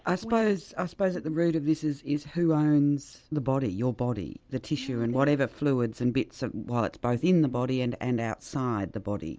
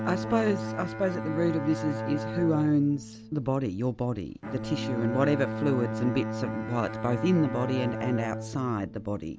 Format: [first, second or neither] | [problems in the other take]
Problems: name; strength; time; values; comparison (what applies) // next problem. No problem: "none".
first | background sound (Bowed string instrument); 6 dB below the speech